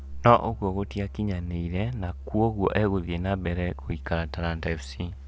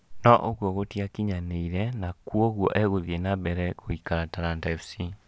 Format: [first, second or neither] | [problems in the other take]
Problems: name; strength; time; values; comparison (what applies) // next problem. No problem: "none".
second | background sound (Musical instrument); 12 dB below the speech